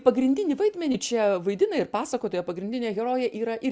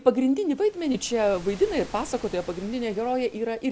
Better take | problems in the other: first | background sound (Waves, surf); 19 dB below the speech

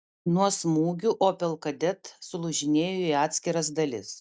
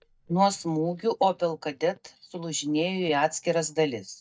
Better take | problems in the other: first | noise reduction (neural mask model DeepFilterNet 3)

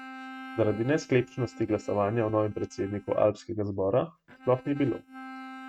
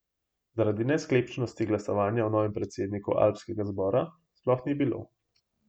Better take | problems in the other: second | noise reduction (neural mask model RNNoise)

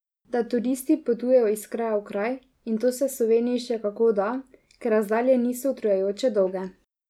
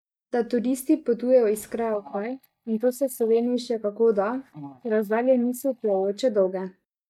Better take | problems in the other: first | noise reduction (neural mask model DeepFilterNet 3)

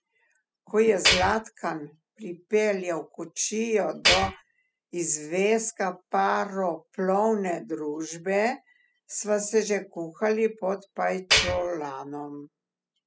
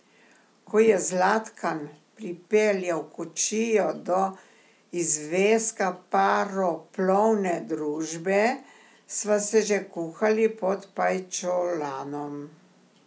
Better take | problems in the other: second | noise reduction (classical method spectral subtraction)

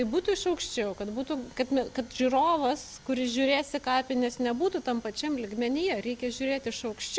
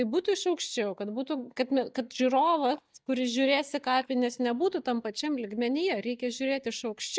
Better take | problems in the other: first | noise reduction (neural mask model DeepFilterNet 3)

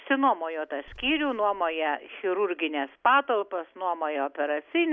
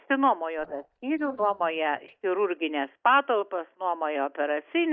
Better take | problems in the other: first | noise reduction (neural mask model DeepFilterNet 3)

